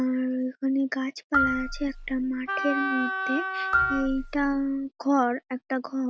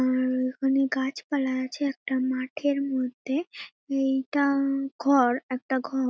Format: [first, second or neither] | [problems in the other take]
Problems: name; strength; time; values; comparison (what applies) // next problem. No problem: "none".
second | background sound (Marimba, xylophone + Wind instrument, woodwind instrument); 2 dB below the speech